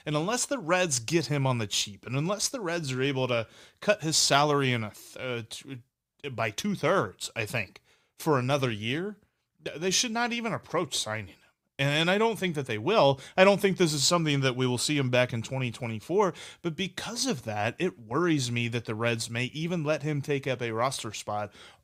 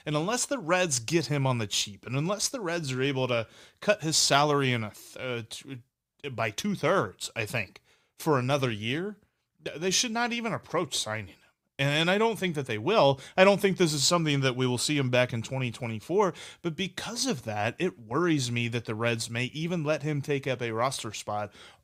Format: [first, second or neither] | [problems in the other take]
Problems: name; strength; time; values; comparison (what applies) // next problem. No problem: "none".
neither | none